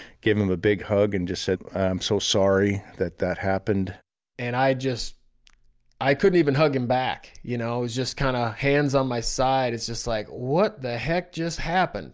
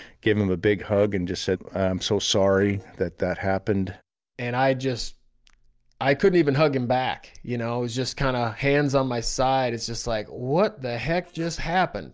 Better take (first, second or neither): first